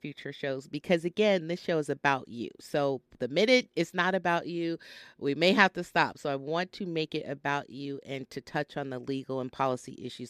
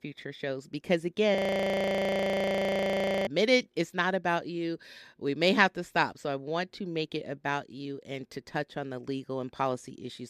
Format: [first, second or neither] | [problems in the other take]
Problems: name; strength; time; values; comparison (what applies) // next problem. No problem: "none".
first | audio freezing; at 1.5 s for 2 s